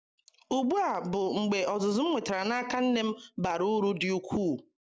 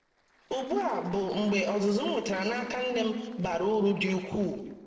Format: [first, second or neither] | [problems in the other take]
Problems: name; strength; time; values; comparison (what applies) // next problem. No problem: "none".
first | noise reduction (neural separator model SepFormer DNS4)